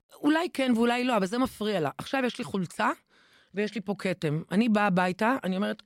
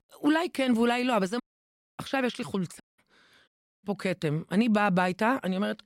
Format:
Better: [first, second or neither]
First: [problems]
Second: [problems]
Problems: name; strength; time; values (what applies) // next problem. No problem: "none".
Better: first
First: none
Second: audio cutting out; at 1.5 s for 0.5 s, at 3 s and at 3.5 s